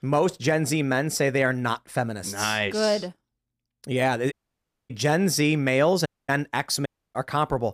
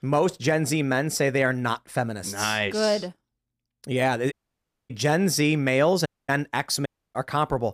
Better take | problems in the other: neither | audio cutting out; at 4.5 s for 0.5 s, at 6 s and at 7 s; the same in both

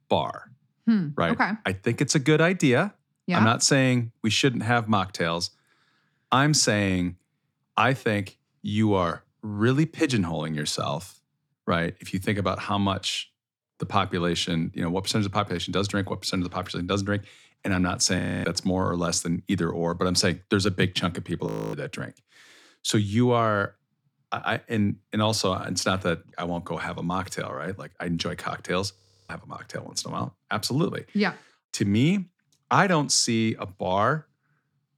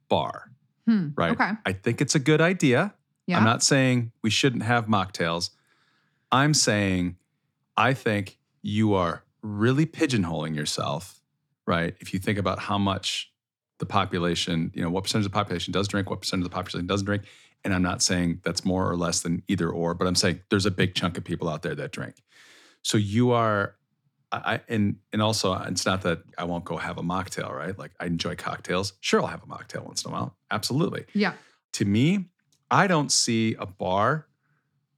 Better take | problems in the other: second | audio freezing; at 18 s, at 21 s and at 29 s

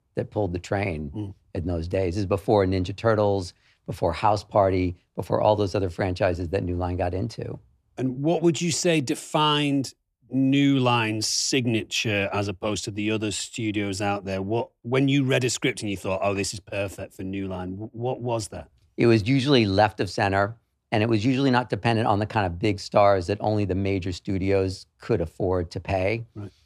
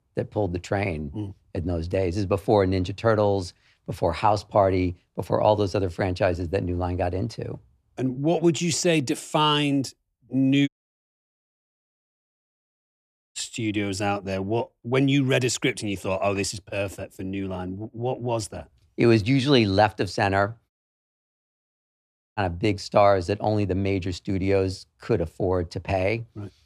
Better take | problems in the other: first | audio cutting out; at 11 s for 2.5 s and at 21 s for 1.5 s

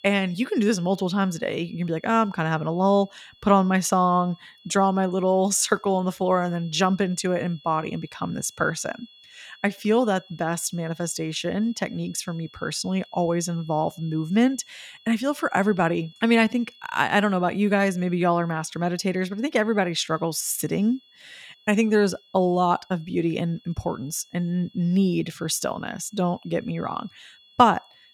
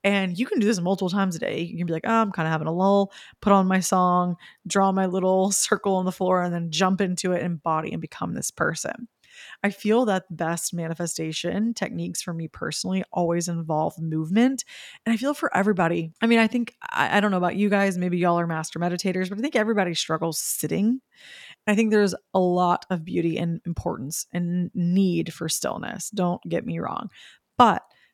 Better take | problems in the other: second | high-pitched whine; faint; throughout; 3.5 kHz, 25 dB below the speech

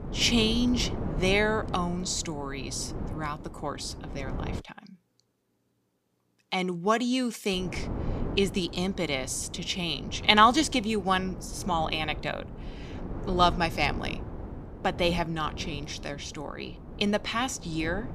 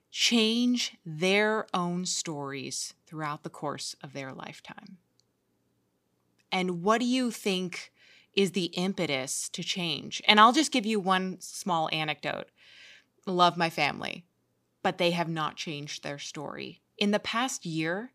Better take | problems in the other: second | wind noise on the microphone; occasional gusts; until 4.5 s and from 7.5 s on; 15 dB below the speech

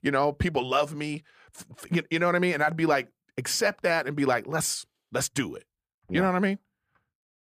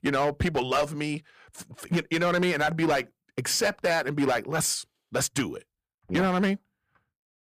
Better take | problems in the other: first | distortion; slight; 7% of the sound clipped

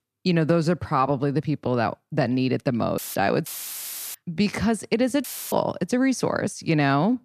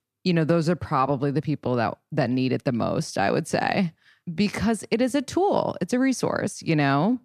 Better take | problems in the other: second | audio cutting out; filled with static; at 3 s, at 3.5 s for 0.5 s and at 5 s

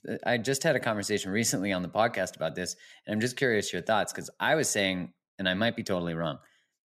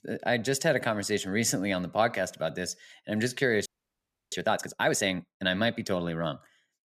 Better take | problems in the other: first | audio freezing; at 3.5 s for 0.5 s

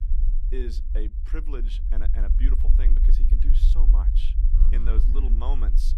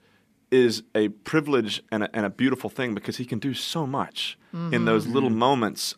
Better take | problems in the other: second | low rumble; loud; throughout; 5 dB below the speech

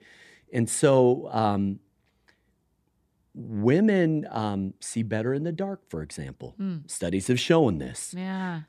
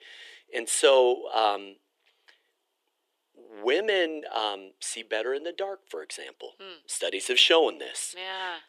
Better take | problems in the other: first | thin; very; fading below 400 Hz

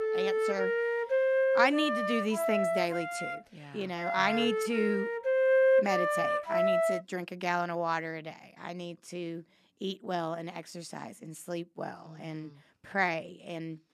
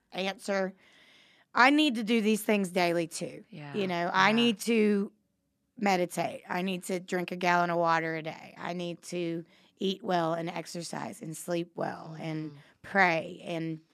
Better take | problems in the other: second | background music; very loud; until 7 s; 5 dB above the speech

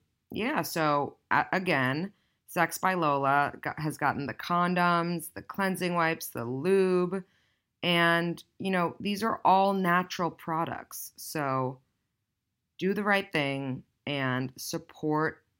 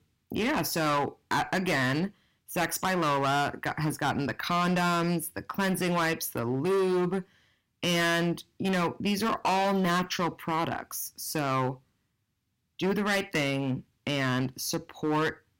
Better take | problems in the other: first | distortion; heavy; 15% of the sound clipped

